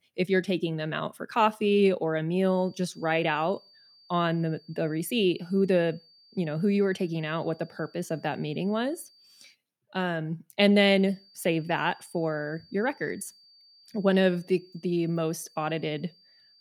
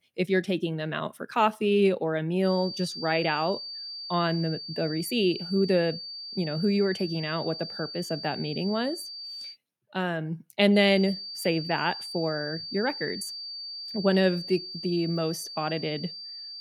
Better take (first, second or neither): first